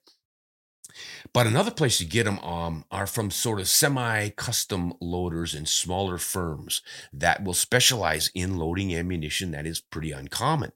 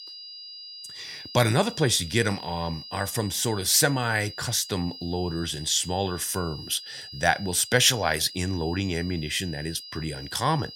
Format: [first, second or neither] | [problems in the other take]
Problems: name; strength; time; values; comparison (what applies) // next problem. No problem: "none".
first | high-pitched whine; noticeable; throughout; 5 kHz, 15 dB below the speech